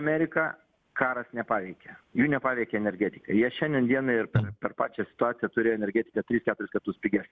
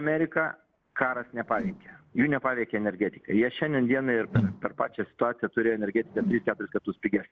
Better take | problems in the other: first | noise reduction (neural separator model SepFormer DNS4)

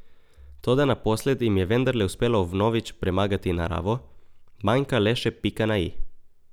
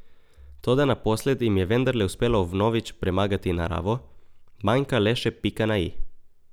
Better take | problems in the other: first | background sound (Bass drum); 15 dB below the speech

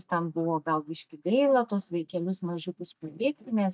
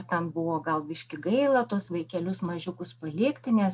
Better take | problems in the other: second | noise reduction (neural mask model DeepFilterNet 3)

